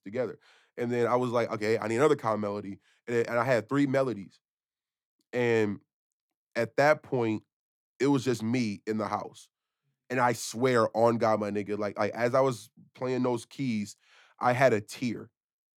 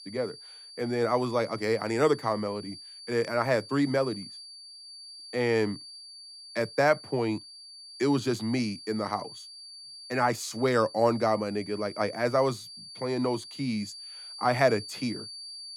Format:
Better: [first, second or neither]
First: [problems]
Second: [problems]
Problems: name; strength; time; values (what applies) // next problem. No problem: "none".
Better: first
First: none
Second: high-pitched whine; noticeable; throughout; 4.5 kHz, 15 dB below the speech